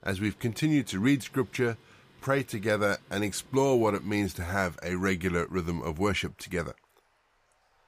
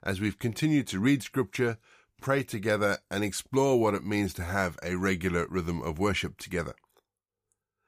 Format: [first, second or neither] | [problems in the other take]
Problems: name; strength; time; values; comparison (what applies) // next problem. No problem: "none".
second | rain or running water; faint; throughout; 30 dB below the speech